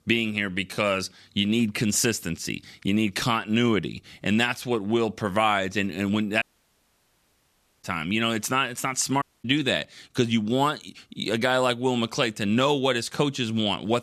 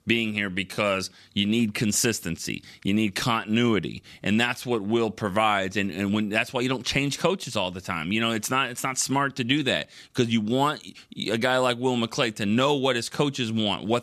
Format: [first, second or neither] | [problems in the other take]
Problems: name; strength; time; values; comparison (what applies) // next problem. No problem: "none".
second | audio cutting out; at 6.5 s for 1.5 s and at 9 s